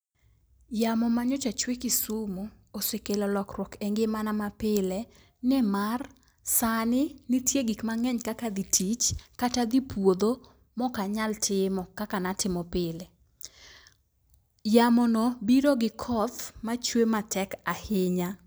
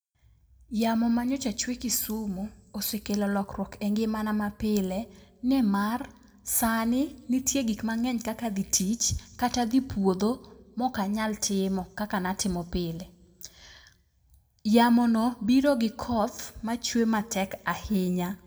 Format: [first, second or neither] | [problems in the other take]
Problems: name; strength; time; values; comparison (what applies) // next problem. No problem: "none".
first | room echo; dies away in 0.4 s